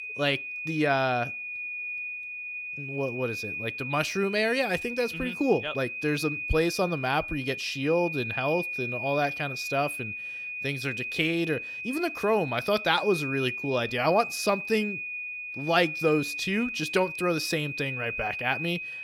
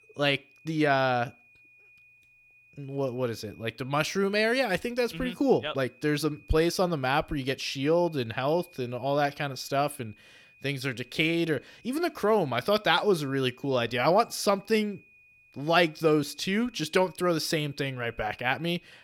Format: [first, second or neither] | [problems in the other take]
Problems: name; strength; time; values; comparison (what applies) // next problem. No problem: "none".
second | high-pitched whine; loud; throughout; 2.5 kHz, 5 dB below the speech; faint in the second